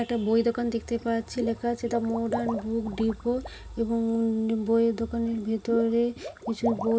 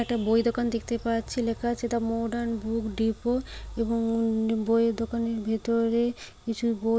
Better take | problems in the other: second | background sound (Water / Liquid); 13 dB below the speech // room echo; dies away in 0.3 s

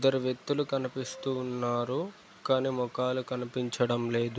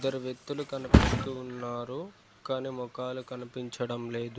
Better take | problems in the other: first | background sound (Thump, thud); 4 dB above the speech

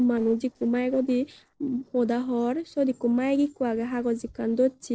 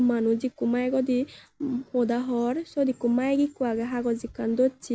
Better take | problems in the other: second | noise reduction (neural separator model SepFormer DNS4)

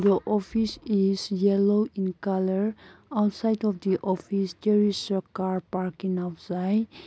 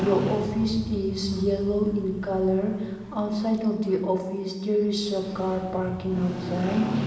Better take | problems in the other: first | background sound (Motorcycle); 10 dB below the speech // room echo; dies away in 1.3 s

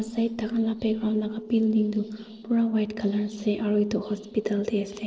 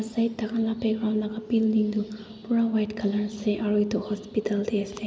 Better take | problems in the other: second | noise reduction (neural separator model SepFormer DNS4)

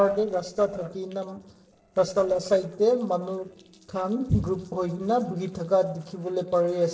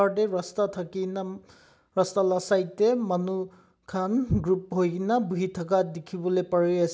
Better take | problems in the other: second | noise reduction (neural separator model SepFormer DNS4)

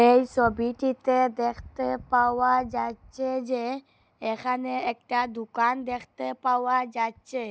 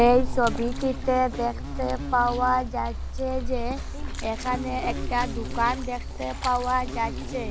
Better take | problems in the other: first | background sound (Insect); 4 dB below the speech

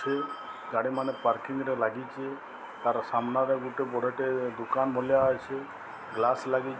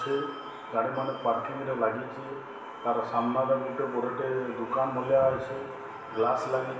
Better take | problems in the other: first | room echo; dies away in 1 s

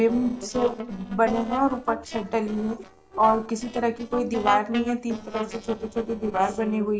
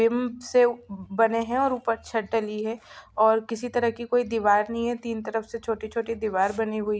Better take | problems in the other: second | noise reduction (neural separator model SepFormer DNS4)

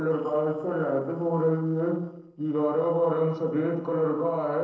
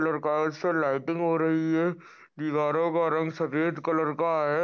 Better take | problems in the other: second | noise reduction (neural separator model SepFormer DNS4)

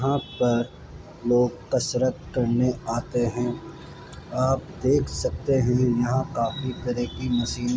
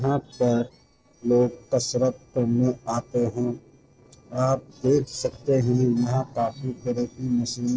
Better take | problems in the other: first | noise reduction (neural separator model SepFormer DNS4)

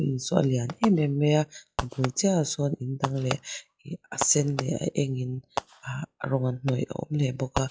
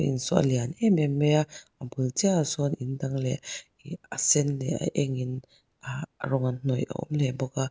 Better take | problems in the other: second | noise reduction (classical method log-MMSE)

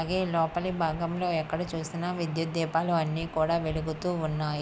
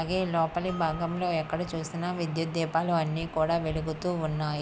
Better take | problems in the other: first | background sound (Harp); 20 dB below the speech

